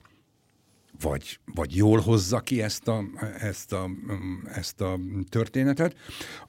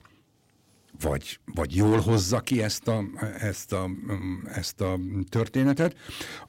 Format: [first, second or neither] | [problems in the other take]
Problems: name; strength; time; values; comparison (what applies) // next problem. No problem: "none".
first | distortion; slight; 2% of the sound clipped